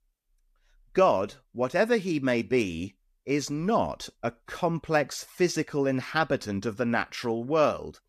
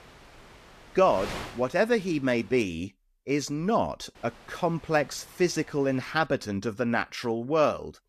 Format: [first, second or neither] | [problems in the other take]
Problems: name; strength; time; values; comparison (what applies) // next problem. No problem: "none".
first | wind noise on the microphone; occasional gusts; until 2.5 s and from 4 to 6.5 s; 15 dB below the speech